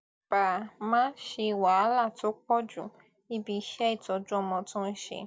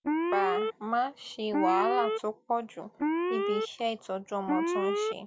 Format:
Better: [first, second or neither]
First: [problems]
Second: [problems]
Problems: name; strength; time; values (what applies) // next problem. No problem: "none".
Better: first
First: none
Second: background sound (Alarm); 1 dB above the speech